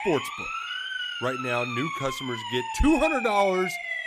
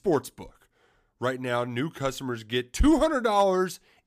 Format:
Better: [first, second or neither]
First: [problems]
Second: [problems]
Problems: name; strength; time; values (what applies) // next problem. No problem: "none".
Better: second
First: siren; noticeable; peak 1 dB below the speech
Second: none